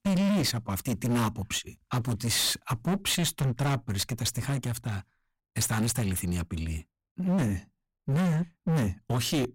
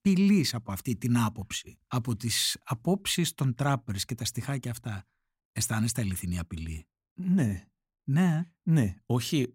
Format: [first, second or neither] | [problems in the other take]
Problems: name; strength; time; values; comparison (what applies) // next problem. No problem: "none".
second | distortion; heavy; 19% of the sound clipped